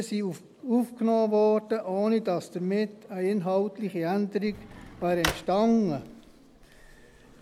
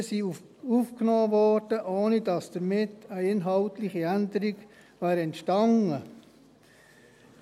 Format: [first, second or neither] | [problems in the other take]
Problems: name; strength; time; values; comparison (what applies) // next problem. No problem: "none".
second | background sound (Drawer open or close); 11 dB below the speech